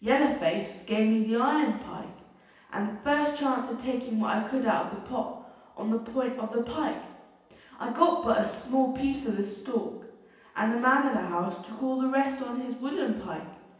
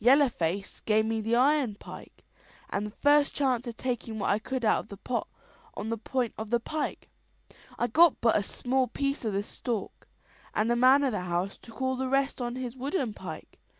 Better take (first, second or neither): second